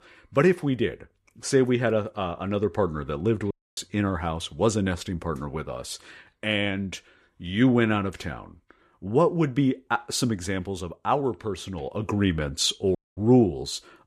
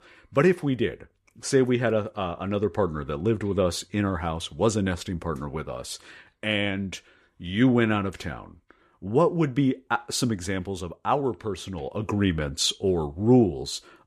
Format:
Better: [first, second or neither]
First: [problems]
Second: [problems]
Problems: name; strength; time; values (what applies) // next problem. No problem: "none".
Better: second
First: audio cutting out; at 3.5 s and at 13 s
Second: none